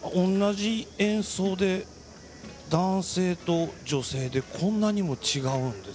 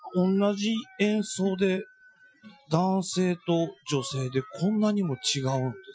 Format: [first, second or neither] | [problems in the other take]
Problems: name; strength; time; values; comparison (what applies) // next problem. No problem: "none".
first | noise reduction (classical method Wiener filter)